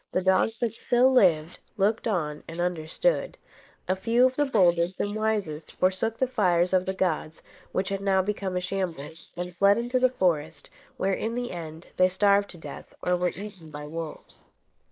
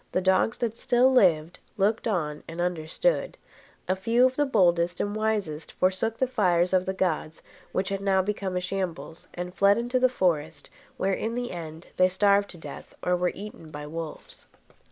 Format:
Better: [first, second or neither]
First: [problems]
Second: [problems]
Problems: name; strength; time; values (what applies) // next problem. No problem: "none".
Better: second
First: noise reduction (neural mask model Resemble Enhance denoiser)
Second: none